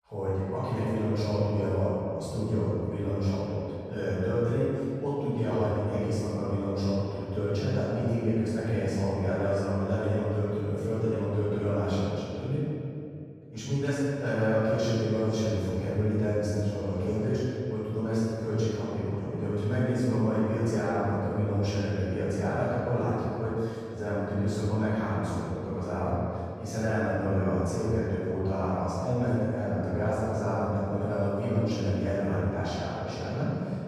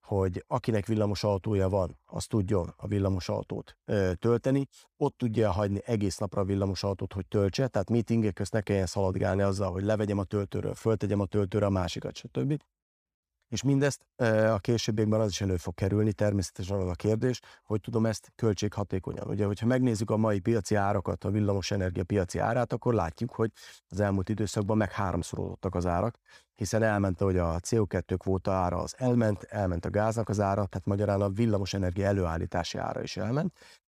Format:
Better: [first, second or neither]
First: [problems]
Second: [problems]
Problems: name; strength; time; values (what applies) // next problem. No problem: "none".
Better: second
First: room echo; strong; dies away in 2.4 s // off-mic speech; far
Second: none